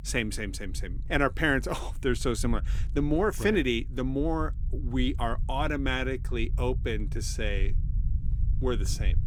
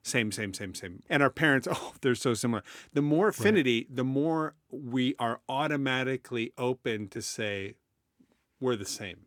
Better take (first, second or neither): second